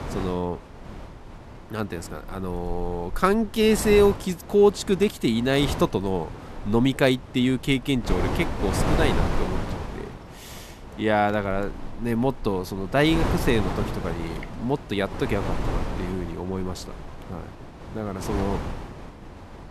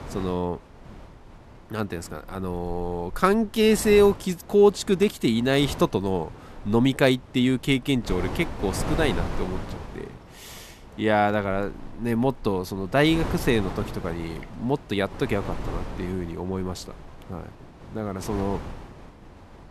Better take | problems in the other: second | wind noise on the microphone; heavy; 9 dB below the speech; occasional gusts in the second

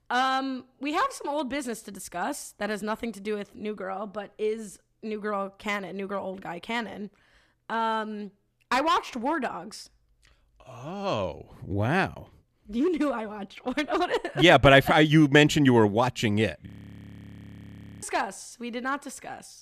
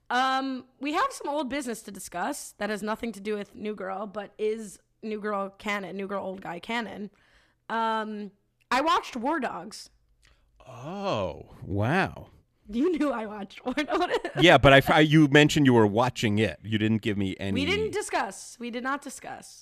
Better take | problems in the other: second | audio freezing; at 17 s for 1.5 s

